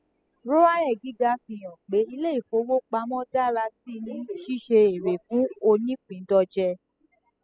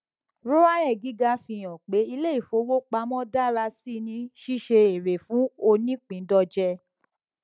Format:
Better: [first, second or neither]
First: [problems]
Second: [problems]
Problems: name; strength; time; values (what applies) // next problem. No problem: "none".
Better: second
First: noise reduction (classical method spectral subtraction)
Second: none